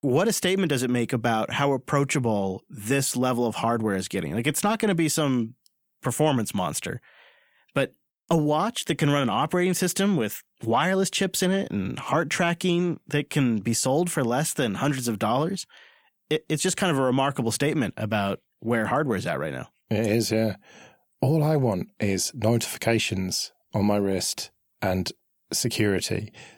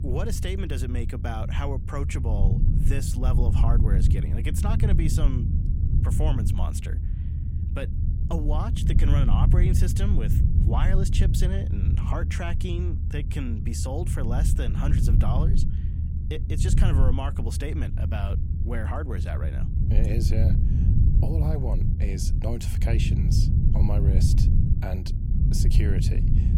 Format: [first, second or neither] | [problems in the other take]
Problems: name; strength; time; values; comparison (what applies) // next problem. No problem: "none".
first | low rumble; loud; throughout; 3 dB below the speech